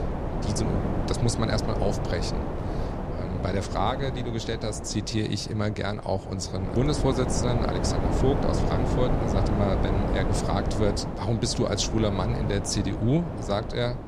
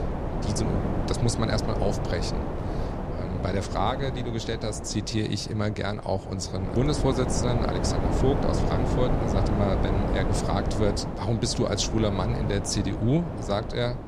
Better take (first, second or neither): neither